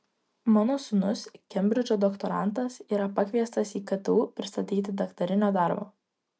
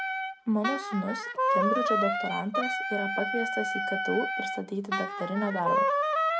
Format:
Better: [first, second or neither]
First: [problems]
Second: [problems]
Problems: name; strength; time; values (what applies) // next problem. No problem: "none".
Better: first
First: none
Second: background sound (Wind instrument, woodwind instrument); 3 dB above the speech